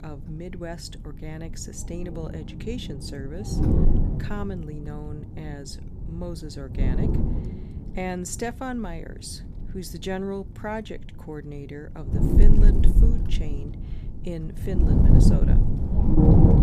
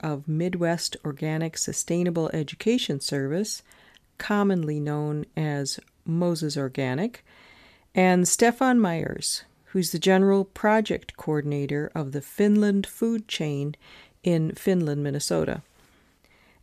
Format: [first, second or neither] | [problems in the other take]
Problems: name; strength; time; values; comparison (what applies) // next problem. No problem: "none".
second | wind noise on the microphone; heavy; 4 dB above the speech